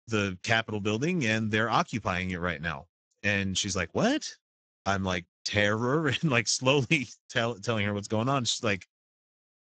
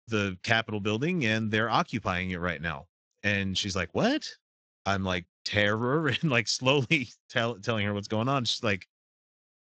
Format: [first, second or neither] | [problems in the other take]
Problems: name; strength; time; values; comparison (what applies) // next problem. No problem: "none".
second | garbled, watery; badly; nothing above 7.5 kHz; slightly in the second